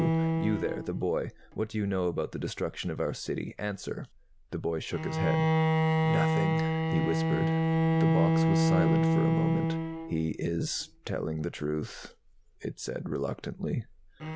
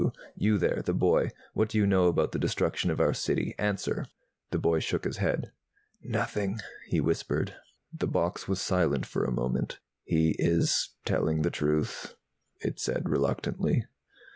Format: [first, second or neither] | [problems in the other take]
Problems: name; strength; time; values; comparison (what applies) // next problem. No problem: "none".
second | background sound (Bowed string instrument); 4 dB above the speech